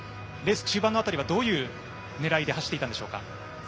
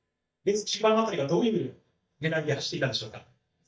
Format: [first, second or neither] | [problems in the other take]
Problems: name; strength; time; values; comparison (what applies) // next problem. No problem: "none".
first | noise reduction (neural mask model DeepFilterNet 3)